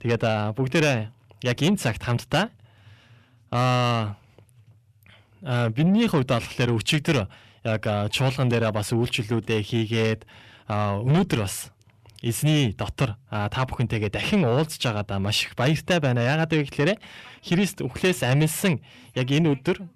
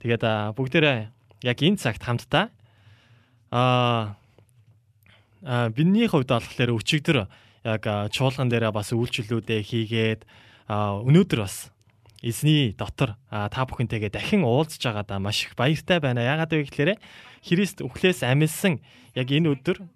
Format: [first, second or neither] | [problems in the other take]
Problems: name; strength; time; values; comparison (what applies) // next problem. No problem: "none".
second | distortion; slight; 10 dB below the speech